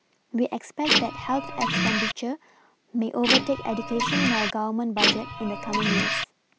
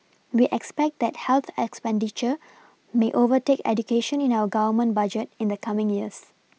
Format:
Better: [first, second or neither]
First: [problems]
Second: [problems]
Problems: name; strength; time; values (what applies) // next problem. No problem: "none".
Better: second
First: background sound (Printer); 4 dB above the speech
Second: none